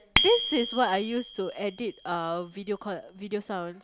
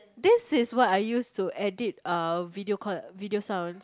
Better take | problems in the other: second | background sound (Bicycle bell); 4 dB below the speech

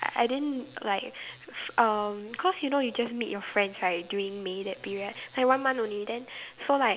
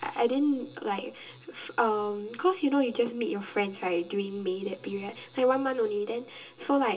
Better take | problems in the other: first | room echo; dies away in 0.2 s

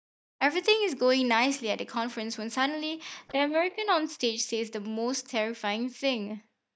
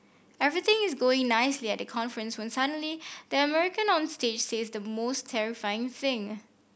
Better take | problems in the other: second | noise reduction (neural mask model DeepFilterNet 3)

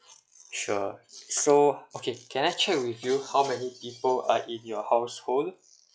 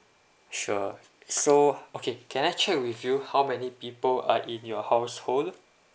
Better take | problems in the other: second | noise reduction (classical method log-MMSE)

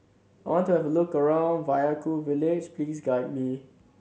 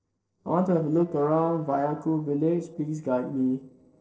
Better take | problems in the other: first | noise reduction (neural separator model SepFormer DNS4)

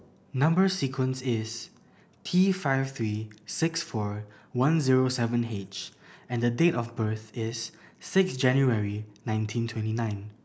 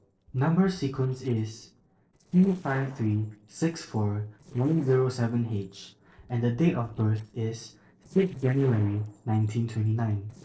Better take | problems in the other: first | noise reduction (neural separator model SepFormer DNS4)

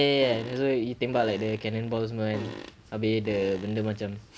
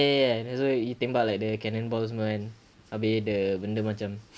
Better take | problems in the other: second | background sound (Fart); 16 dB below the speech

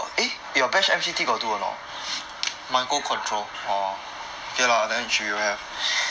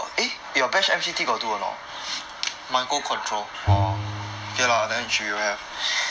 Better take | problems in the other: first | background sound (Bowed string instrument); 3 dB below the speech

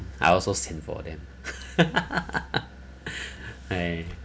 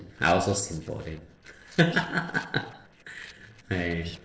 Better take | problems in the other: first | noise reduction (neural separator model SepFormer DNS4)

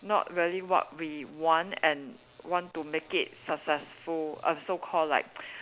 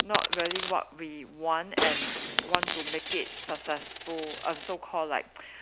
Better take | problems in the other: first | background sound (Shatter + Coin (dropping)); 1 dB below the speech

